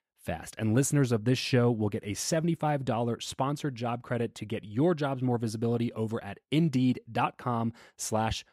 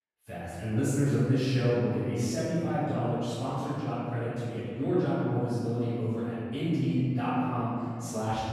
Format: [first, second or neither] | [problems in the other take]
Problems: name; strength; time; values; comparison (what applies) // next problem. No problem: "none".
first | off-mic speech; far // room echo; strong; dies away in 2.5 s